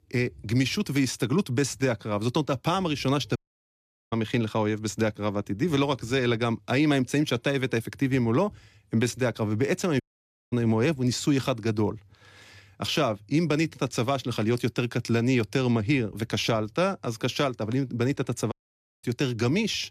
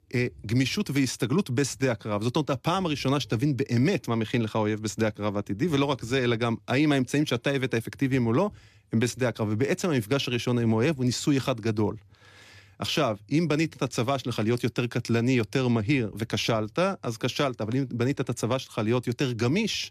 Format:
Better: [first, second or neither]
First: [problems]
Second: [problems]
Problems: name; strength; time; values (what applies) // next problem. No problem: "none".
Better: second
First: audio cutting out; at 3.5 s for 1 s, at 10 s for 0.5 s and at 19 s for 0.5 s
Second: none